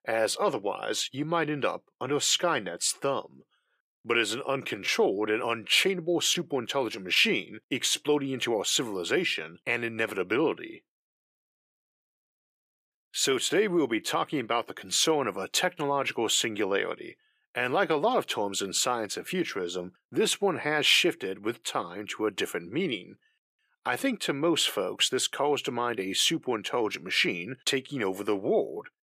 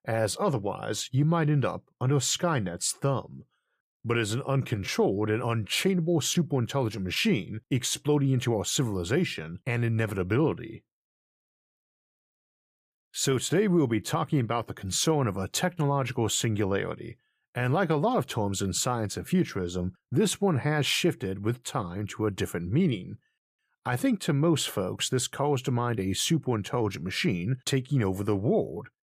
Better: second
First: thin; somewhat; fading below 350 Hz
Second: none

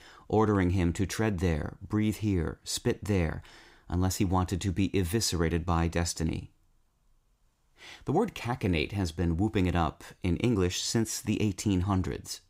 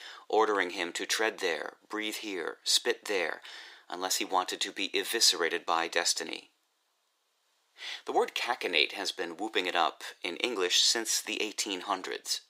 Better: first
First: none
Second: thin; very; fading below 400 Hz

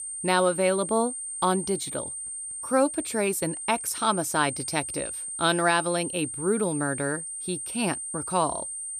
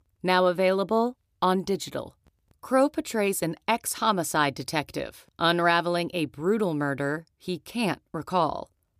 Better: second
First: high-pitched whine; loud; throughout; 9 kHz, 5 dB below the speech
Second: none

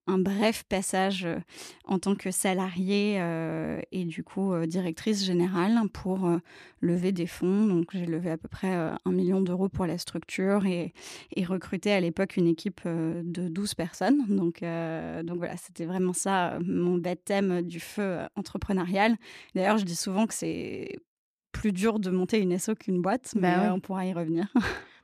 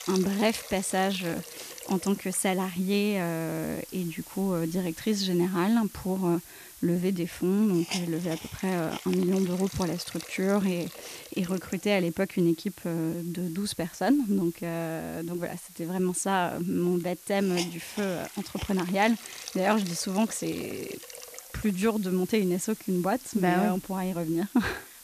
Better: first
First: none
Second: hiss; noticeable; throughout; 15 dB below the speech

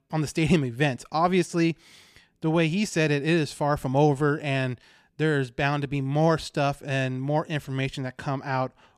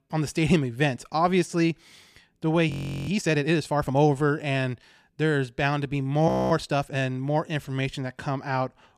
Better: first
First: none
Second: audio freezing; at 2.5 s and at 6.5 s

